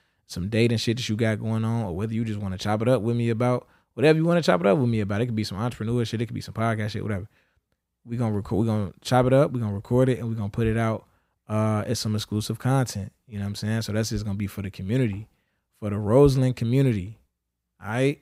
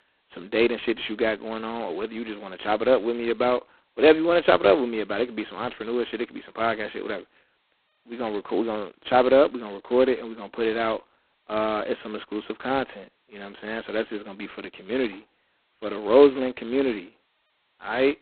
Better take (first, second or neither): first